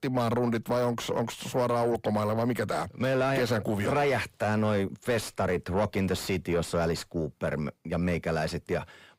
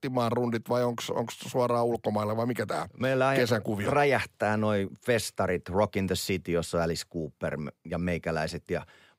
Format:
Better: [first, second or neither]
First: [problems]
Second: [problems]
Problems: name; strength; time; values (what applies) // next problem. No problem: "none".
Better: second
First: distortion; slight; 10 dB below the speech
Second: none